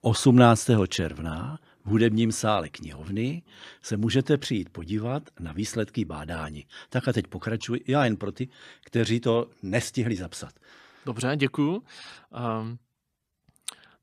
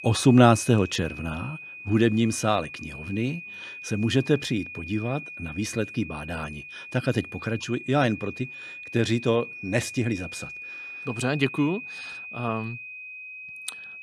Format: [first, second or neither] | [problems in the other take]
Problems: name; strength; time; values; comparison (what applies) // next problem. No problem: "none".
first | high-pitched whine; noticeable; throughout; 2.5 kHz, 10 dB below the speech